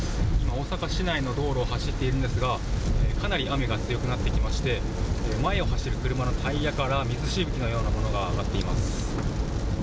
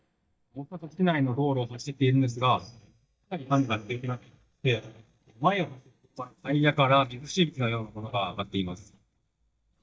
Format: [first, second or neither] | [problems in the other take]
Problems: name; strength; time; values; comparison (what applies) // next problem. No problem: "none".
first | noise reduction (neural mask model DeepFilterNet 3)